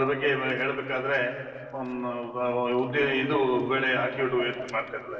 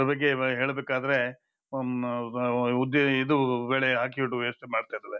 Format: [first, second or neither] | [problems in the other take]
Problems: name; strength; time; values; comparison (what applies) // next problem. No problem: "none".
second | noise reduction (neural separator model SepFormer DNS4)